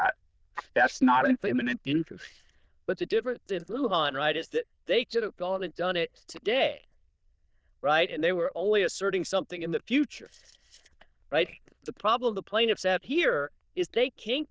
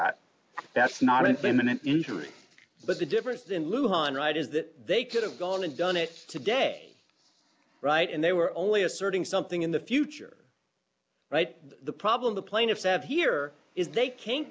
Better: second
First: noise reduction (neural diffusion model UNIVERSE++)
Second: none

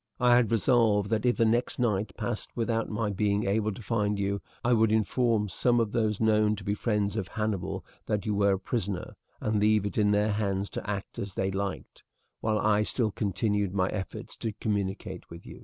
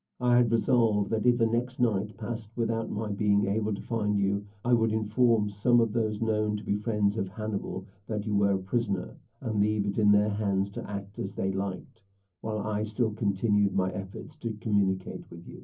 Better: first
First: none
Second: room echo; dies away in 0.3 s

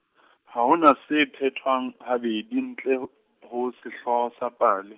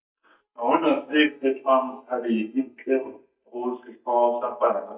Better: first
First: none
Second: noise reduction (neural mask model DeepFilterNet 3)

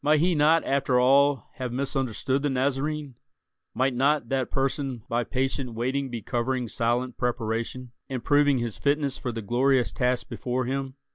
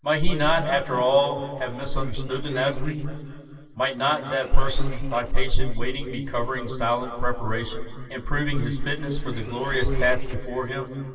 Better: first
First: none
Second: noise reduction (neural separator model SepFormer DNS4)

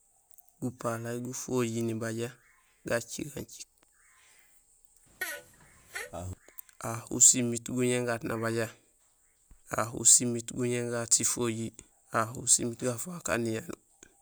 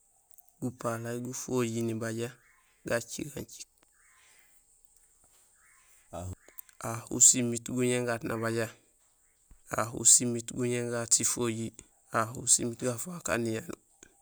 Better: second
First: background sound (Fart); 11 dB below the speech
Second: none

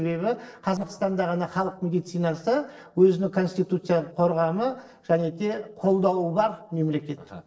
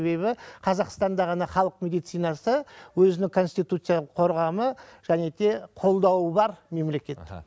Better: second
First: noise reduction (neural separator model SepFormer DNS4)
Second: none

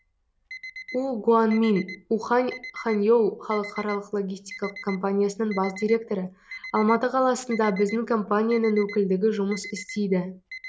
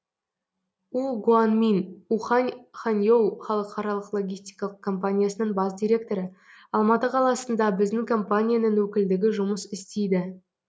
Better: second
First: background sound (Alarm); 17 dB below the speech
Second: none

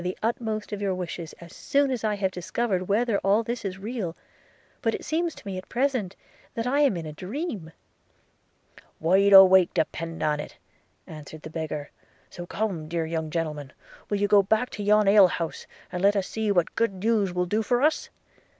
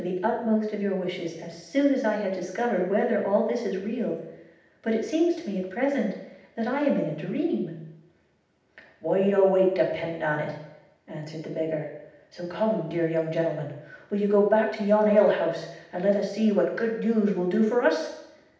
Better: first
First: none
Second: room echo; dies away in 0.8 s

